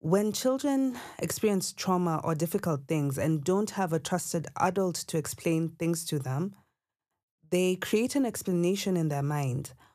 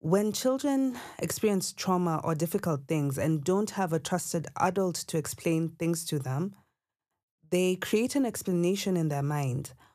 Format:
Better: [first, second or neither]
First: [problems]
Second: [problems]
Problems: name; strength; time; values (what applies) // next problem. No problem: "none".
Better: neither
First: none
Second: none